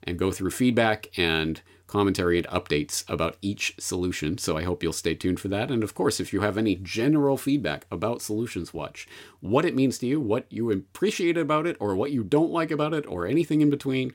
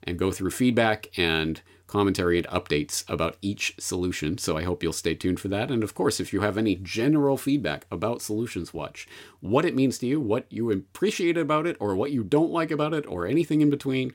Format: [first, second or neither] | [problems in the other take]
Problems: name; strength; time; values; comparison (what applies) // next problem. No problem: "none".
neither | none